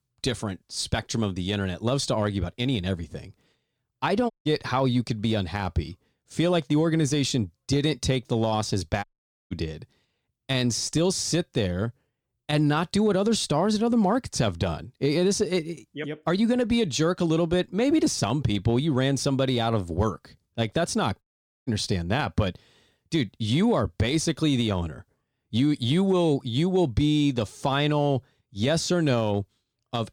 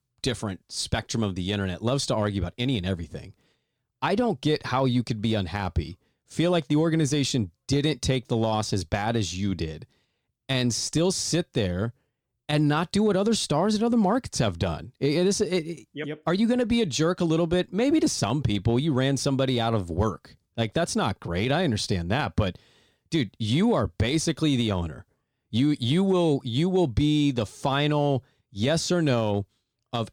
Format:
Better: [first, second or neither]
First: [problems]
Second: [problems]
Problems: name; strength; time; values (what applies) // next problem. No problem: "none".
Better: second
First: audio cutting out; at 4.5 s, at 9 s and at 21 s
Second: none